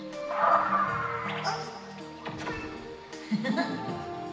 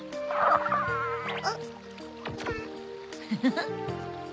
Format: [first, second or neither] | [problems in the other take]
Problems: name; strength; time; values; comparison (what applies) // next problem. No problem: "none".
second | room echo; dies away in 1.3 s